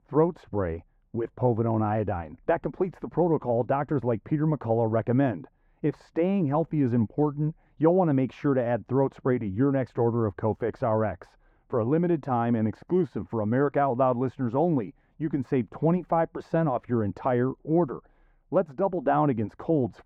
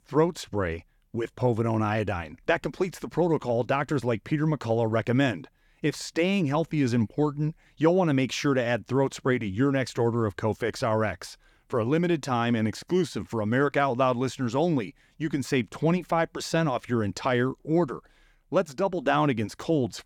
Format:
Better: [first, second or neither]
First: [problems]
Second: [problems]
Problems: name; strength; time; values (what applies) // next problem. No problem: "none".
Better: second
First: muffled; very; fading above 2.5 kHz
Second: none